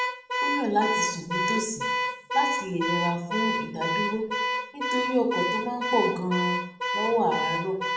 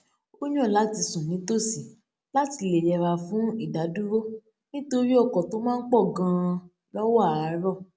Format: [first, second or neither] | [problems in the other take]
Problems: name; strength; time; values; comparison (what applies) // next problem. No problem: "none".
second | background sound (Alarm / Car); as loud as the speech // room echo; dies away in 0.6 s